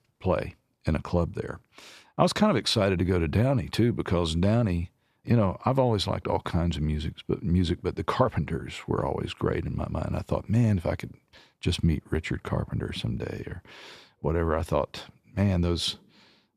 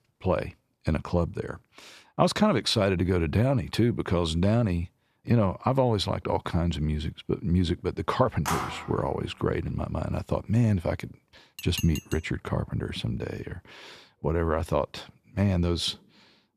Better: first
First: none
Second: phone ringing; noticeable; at 8.5 s; peak 3 dB below the speech // clattering dishes; noticeable; at 12 s; peak 9 dB below the speech

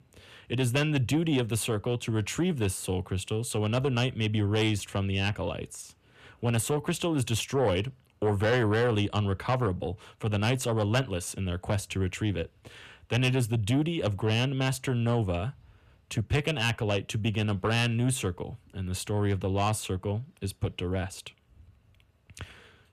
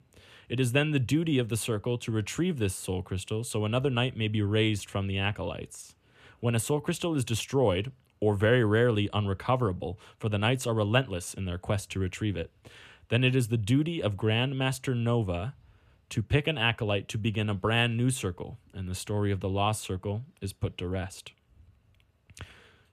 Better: second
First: distortion; slight; 10 dB below the speech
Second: none

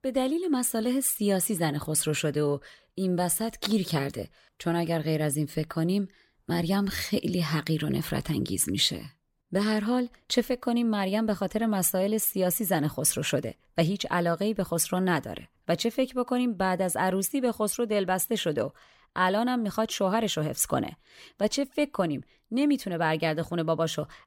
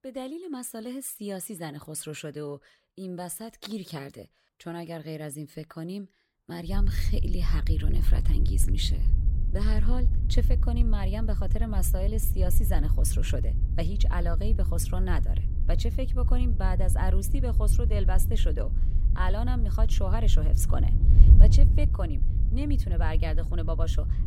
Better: first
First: none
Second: wind noise on the microphone; heavy; from 6.5 s on; 7 dB below the speech

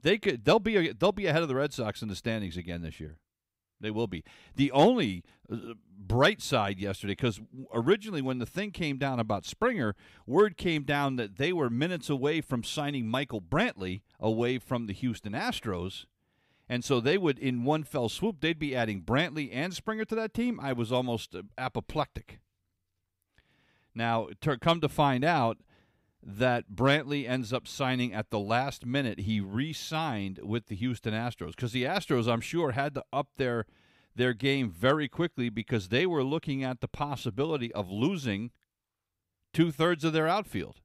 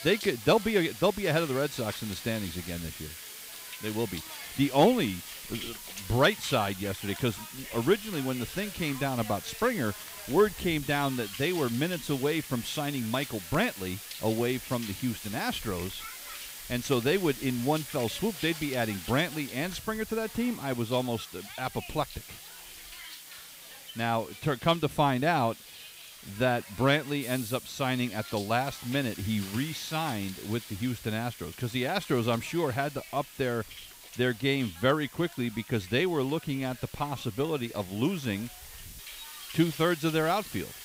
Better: first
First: none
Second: hiss; noticeable; throughout; 10 dB below the speech

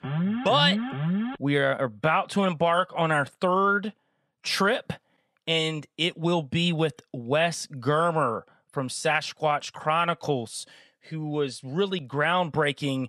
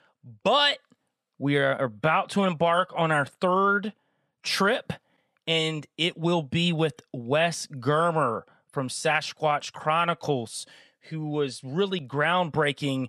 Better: second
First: alarm; noticeable; until 1.5 s; peak 2 dB below the speech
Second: none

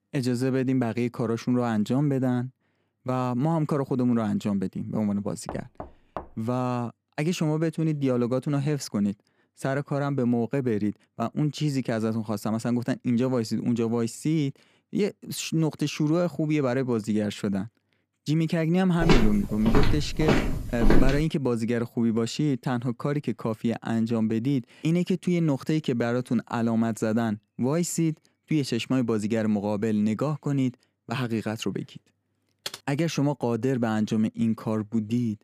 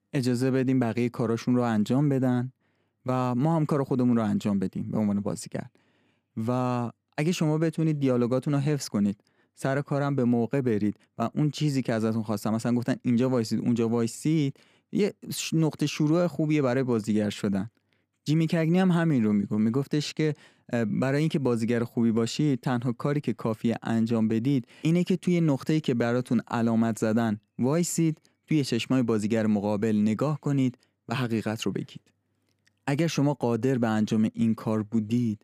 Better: second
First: door banging; faint; at 5.5 s; peak 15 dB below the speech // footsteps; loud; from 19 to 21 s; peak 3 dB above the speech // keyboard typing; faint; at 33 s; peak 10 dB below the speech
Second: none

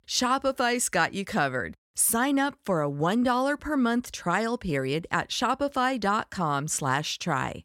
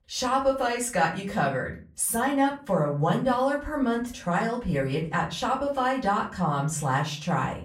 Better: first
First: none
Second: off-mic speech; far // room echo; slight; dies away in 0.4 s

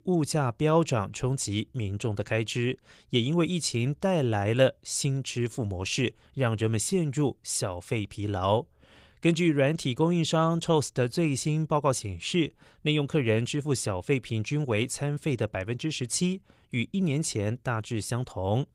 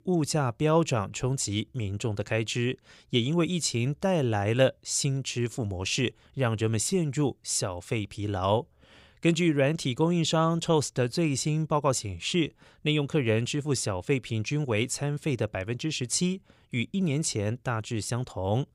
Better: second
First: garbled, watery; slightly; nothing above 15.5 kHz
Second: none

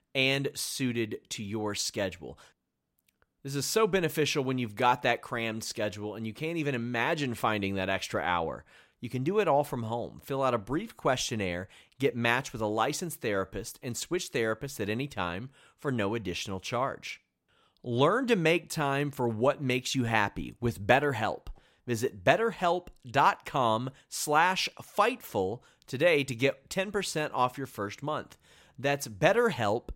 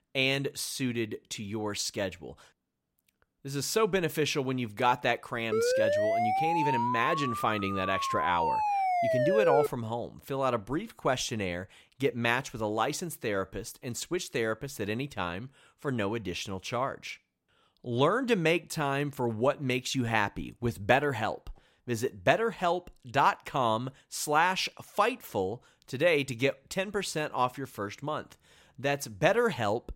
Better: first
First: none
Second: siren; loud; from 5.5 to 9.5 s; peak 3 dB above the speech

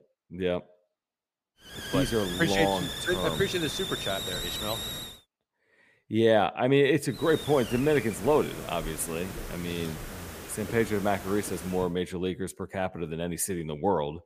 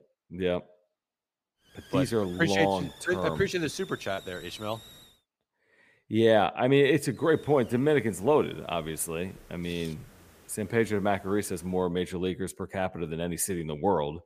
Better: second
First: hiss; loud; from 2 to 5 s and from 7 to 12 s; 8 dB below the speech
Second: hiss; faint; from 2 to 5 s and from 7 to 12 s; 25 dB below the speech

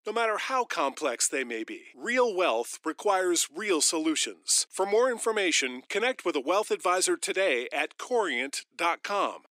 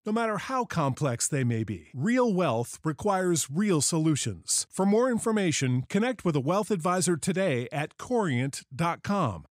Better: second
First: thin; very; fading below 300 Hz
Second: none

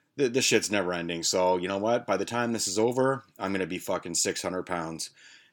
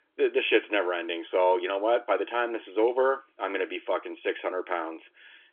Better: first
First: none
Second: phone-call audio; nothing above 3.5 kHz

